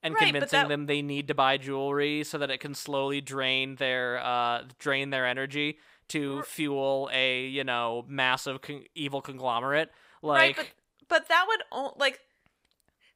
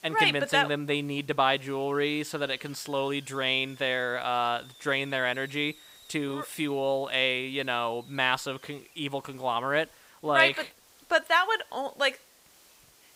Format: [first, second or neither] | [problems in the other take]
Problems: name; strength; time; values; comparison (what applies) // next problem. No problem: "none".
first | hiss; faint; throughout; 25 dB below the speech